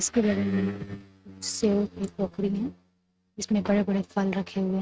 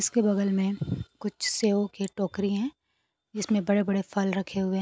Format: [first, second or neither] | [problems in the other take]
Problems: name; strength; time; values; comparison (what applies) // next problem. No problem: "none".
second | noise reduction (neural mask model RNNoise)